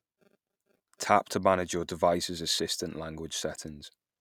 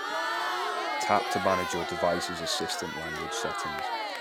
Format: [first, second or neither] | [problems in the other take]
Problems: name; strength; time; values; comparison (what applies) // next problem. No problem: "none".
first | background sound (Crowd); 1 dB above the speech